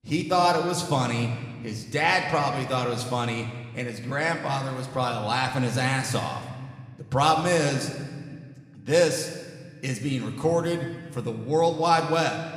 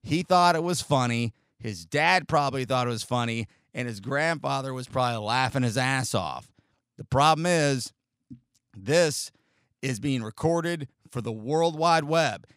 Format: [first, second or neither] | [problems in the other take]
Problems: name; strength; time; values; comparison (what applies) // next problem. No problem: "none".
second | room echo; slight; dies away in 1.4 s // off-mic speech; somewhat distant